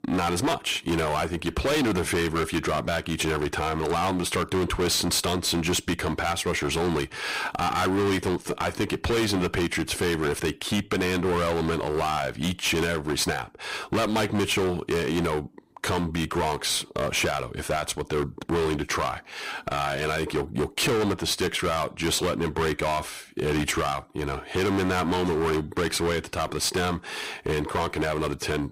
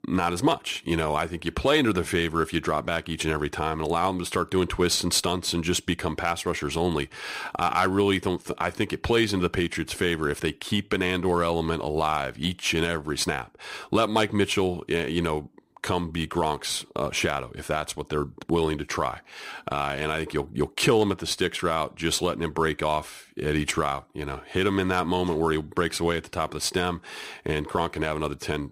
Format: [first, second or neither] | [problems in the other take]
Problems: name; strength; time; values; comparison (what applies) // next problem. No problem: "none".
second | distortion; heavy; 19% of the sound clipped